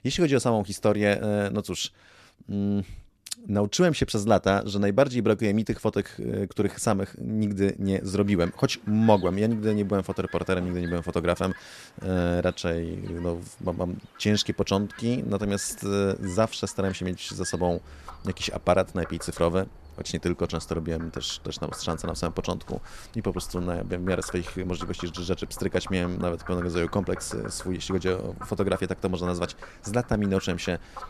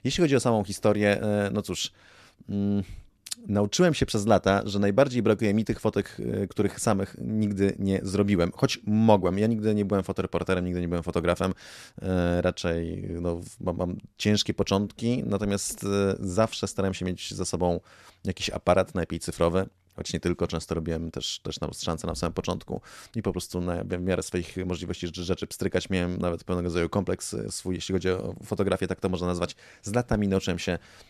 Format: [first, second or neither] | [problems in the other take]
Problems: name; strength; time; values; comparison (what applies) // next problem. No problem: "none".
second | animal sounds; noticeable; from 8 s on; 20 dB below the speech